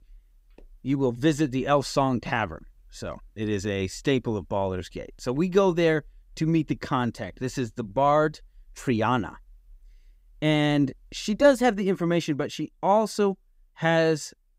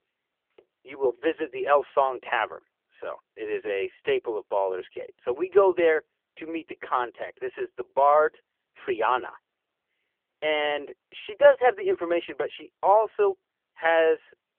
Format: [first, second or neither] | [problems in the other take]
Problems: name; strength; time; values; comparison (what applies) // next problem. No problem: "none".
first | phone-call audio; poor line; nothing above 3 kHz